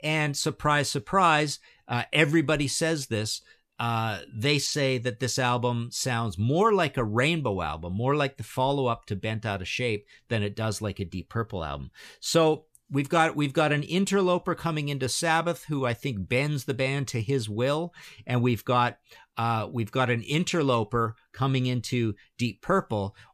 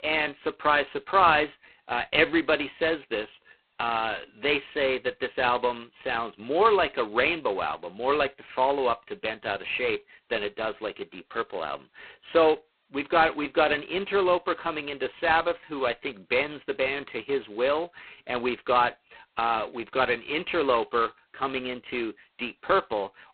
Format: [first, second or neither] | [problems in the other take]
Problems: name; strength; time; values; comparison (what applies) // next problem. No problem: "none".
first | phone-call audio; poor line; nothing above 4 kHz